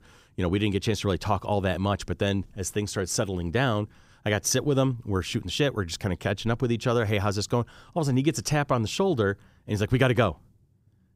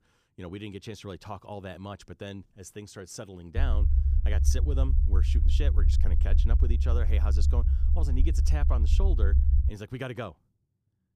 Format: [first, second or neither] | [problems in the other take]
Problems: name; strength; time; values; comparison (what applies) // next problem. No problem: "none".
first | low rumble; loud; from 3.5 to 9.5 s; 5 dB below the speech